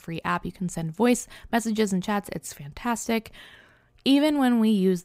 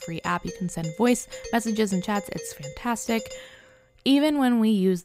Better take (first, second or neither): first